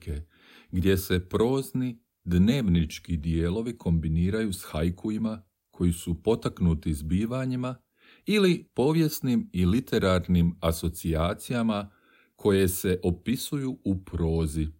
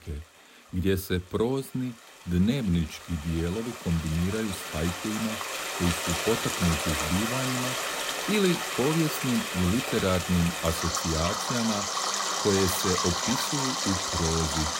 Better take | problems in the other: first | rain or running water; very loud; throughout; as loud as the speech

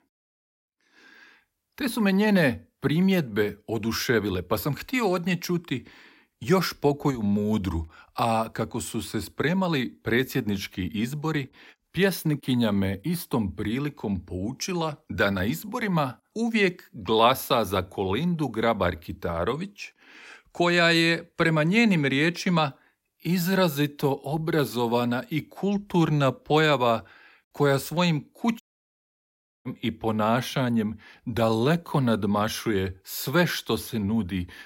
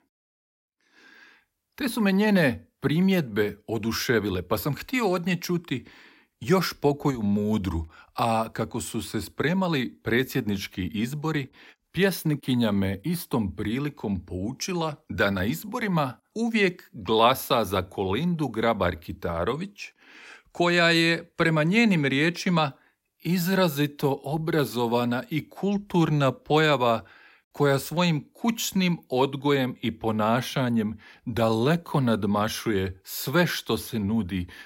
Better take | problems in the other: second | audio cutting out; at 29 s for 1 s

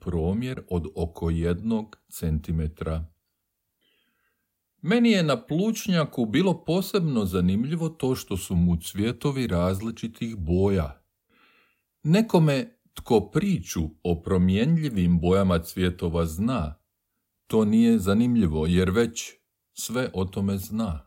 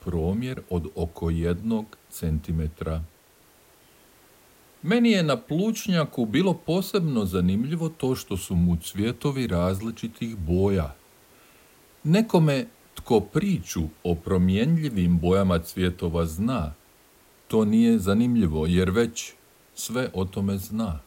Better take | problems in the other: first | hiss; faint; throughout; 30 dB below the speech

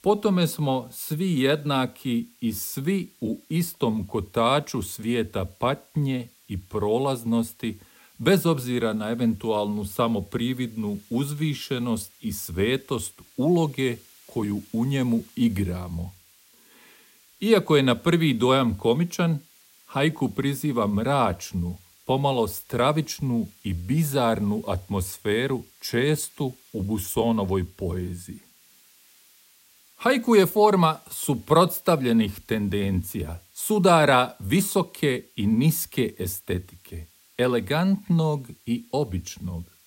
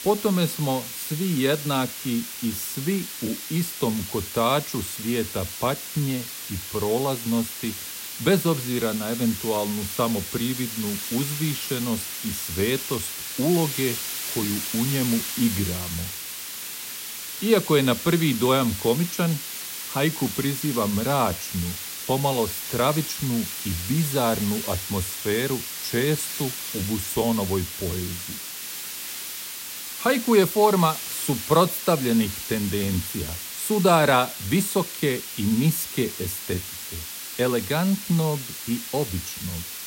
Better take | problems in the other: first | hiss; loud; throughout; 6 dB below the speech; faint in the first

